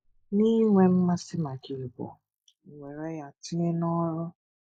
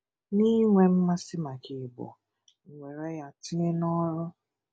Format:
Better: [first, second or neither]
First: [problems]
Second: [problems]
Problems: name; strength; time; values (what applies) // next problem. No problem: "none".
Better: second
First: noise reduction (neural mask model Resemble Enhance denoiser)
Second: none